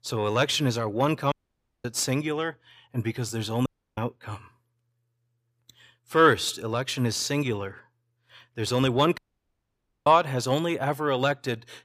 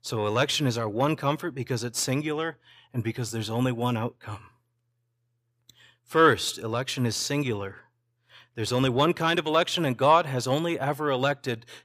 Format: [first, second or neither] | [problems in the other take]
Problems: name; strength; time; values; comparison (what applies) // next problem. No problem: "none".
second | audio cutting out; at 1.5 s for 0.5 s, at 3.5 s and at 9 s for 1 s